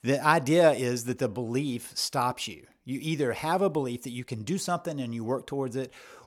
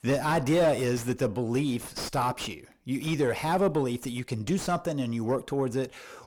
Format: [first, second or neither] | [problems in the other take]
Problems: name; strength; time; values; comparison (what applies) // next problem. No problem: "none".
first | distortion; heavy; 6 dB below the speech